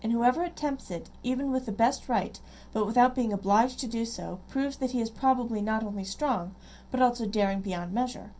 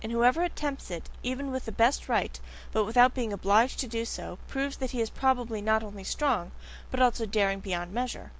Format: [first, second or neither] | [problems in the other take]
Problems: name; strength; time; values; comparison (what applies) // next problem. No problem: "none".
second | room echo; dies away in 0.3 s